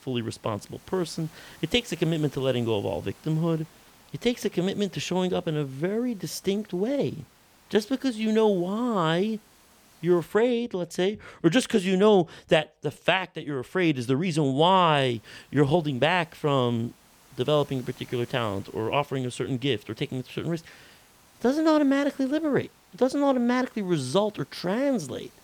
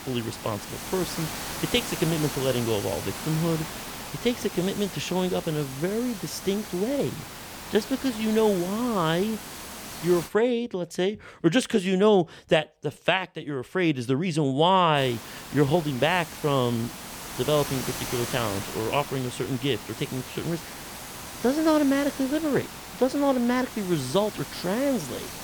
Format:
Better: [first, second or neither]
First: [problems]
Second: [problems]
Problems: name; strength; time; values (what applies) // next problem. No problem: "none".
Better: first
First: hiss; faint; until 10 s and from 15 s on; 30 dB below the speech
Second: hiss; loud; until 10 s and from 15 s on; 10 dB below the speech